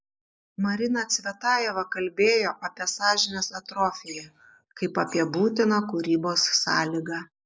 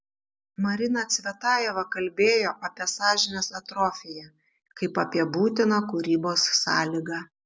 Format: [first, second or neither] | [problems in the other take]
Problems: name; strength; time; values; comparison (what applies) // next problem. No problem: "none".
second | noise reduction (neural mask model Resemble Enhance denoiser)